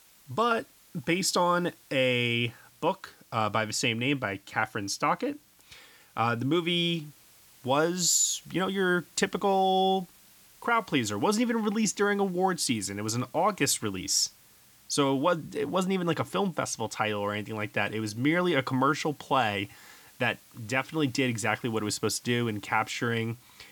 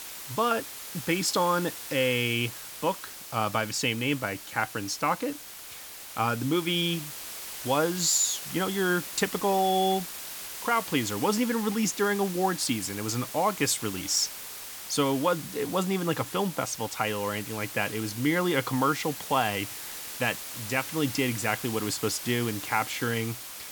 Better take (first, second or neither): first